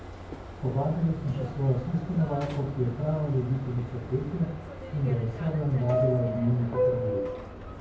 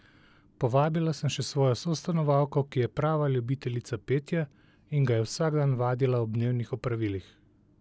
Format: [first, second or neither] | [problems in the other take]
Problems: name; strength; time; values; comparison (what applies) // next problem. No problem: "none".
second | background sound (Subway, metro, underground); 6 dB below the speech // room echo; dies away in 0.9 s